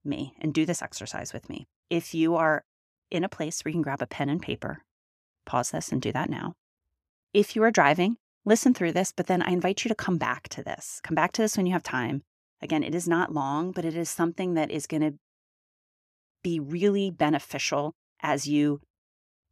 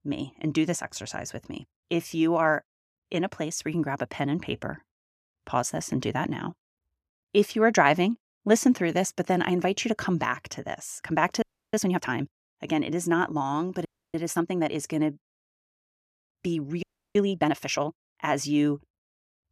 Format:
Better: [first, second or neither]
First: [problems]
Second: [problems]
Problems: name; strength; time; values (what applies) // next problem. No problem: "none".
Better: first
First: none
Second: audio freezing; at 11 s, at 14 s and at 17 s